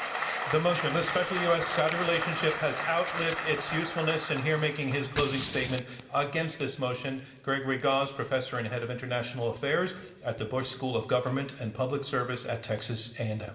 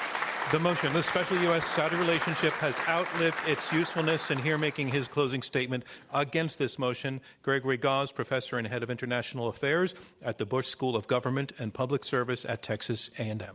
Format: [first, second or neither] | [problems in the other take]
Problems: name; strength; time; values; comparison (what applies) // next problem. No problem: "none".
second | background sound (Fire); 17 dB below the speech // room echo; dies away in 0.8 s